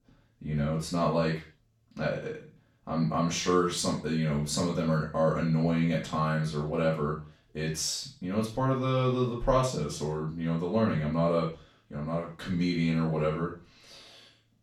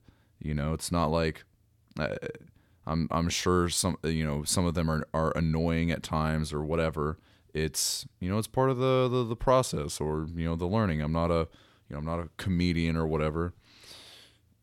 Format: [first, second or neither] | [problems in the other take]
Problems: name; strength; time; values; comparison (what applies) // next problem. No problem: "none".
second | room echo; noticeable; dies away in 0.3 s // off-mic speech; far